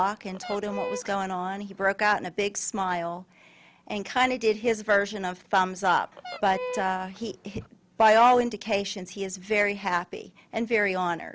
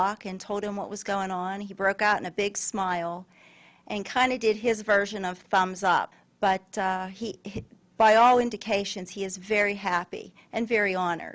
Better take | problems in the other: second | background sound (Fowl); 12 dB below the speech

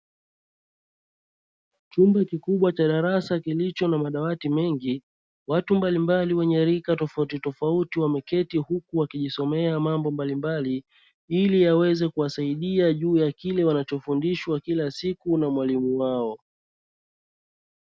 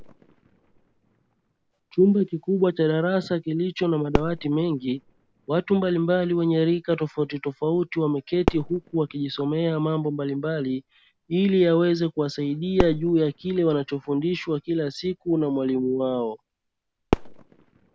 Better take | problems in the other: first | background sound (Fireworks); 11 dB below the speech

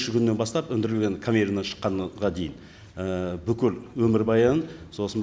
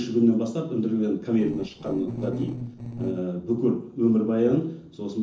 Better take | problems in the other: first | noise reduction (neural separator model SepFormer DNS4)

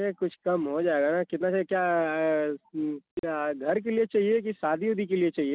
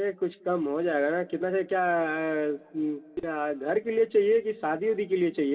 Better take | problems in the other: first | room echo; dies away in 2.1 s

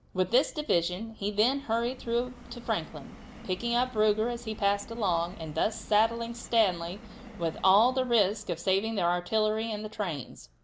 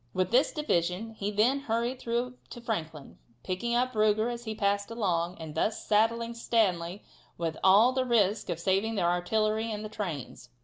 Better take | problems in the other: second | background sound (Subway, metro, underground); 19 dB below the speech

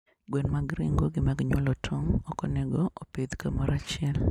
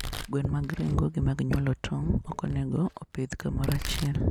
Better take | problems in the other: first | background sound (Domestic sounds, home sounds); 12 dB below the speech

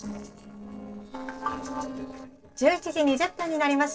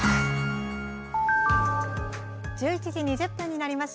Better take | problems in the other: second | noise reduction (neural separator model SepFormer DNS4)

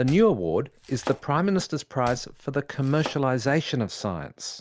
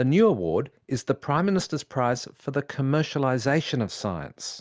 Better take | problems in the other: second | background sound (Domestic sounds, home sounds); 17 dB below the speech

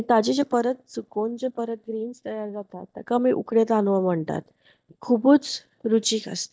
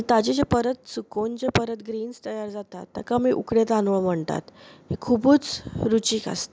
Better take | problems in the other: second | noise reduction (neural mask model DeepFilterNet 3)

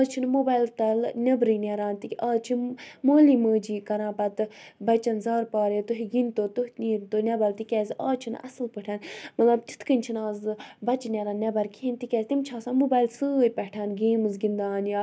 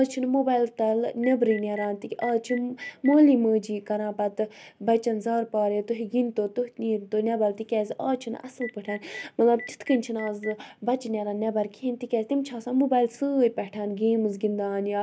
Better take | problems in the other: first | background sound (Telephone); 17 dB below the speech

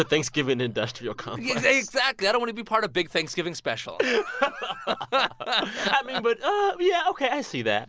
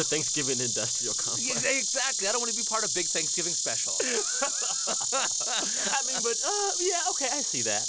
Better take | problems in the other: first | background sound (Insect); 4 dB above the speech

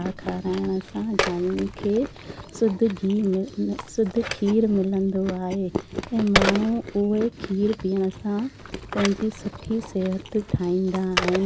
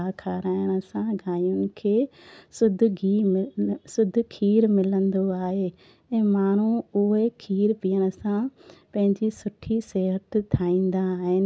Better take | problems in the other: second | background sound (Chewing, mastication + Telephone); 7 dB below the speech

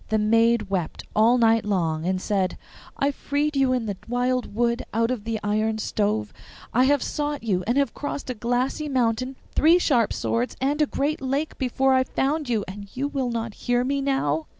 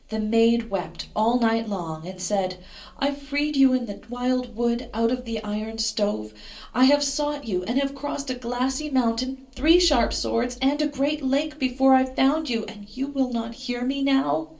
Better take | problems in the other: first | room echo; dies away in 0.3 s

